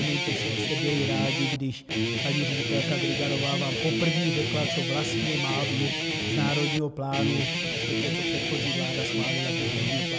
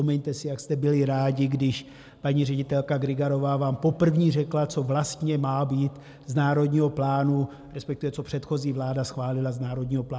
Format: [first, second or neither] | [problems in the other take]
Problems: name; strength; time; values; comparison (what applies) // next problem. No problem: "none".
second | background sound (Guitar); 2 dB above the speech